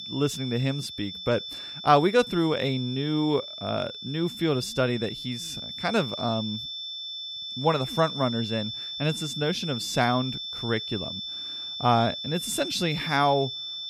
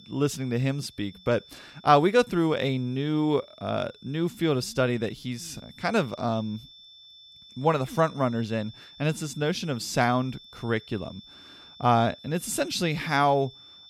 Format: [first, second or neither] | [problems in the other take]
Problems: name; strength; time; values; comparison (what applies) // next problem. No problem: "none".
second | high-pitched whine; loud; throughout; 3.5 kHz, 7 dB below the speech; faint in the second